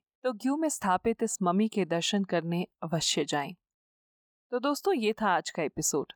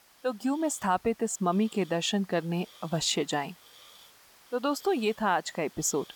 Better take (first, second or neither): first